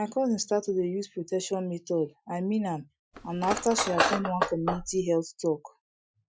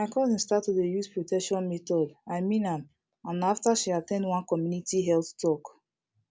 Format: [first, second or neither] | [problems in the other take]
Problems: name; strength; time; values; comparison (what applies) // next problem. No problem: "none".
second | noise reduction (classical method Wiener filter)